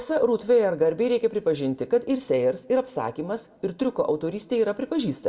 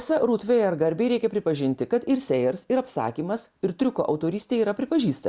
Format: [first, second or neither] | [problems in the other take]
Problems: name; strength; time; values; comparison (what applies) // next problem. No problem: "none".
second | room echo; dies away in 0.6 s